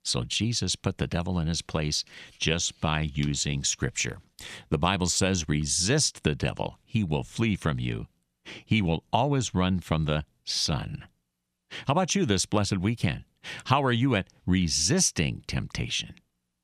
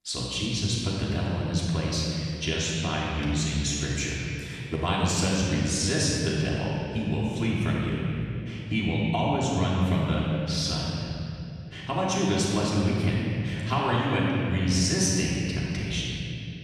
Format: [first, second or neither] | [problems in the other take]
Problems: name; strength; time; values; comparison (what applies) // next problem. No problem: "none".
first | off-mic speech; far // room echo; strong; dies away in 2.9 s